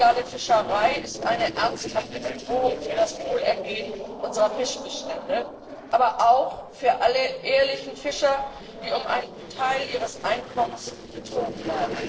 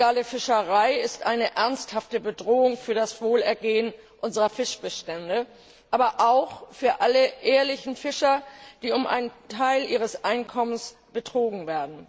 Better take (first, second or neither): second